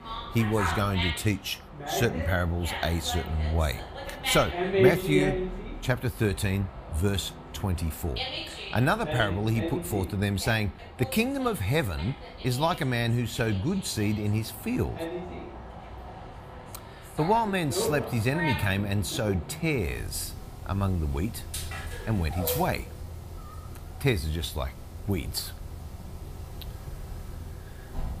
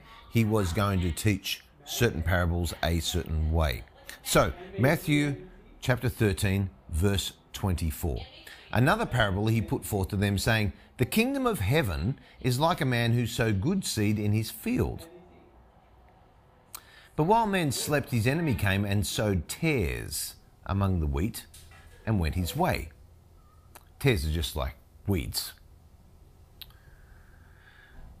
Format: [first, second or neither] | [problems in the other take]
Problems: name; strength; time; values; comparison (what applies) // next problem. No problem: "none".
second | animal sounds; loud; throughout; 6 dB below the speech; faint in the second